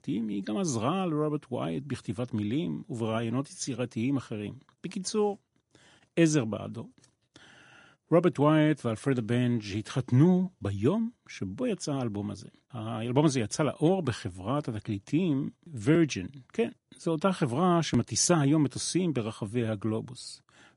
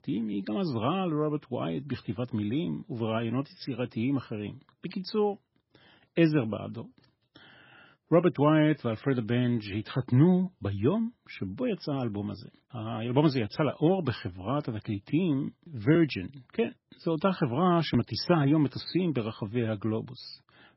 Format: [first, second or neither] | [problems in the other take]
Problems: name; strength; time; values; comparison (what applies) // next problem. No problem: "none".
first | garbled, watery; badly; nothing above 5.5 kHz; slightly in the first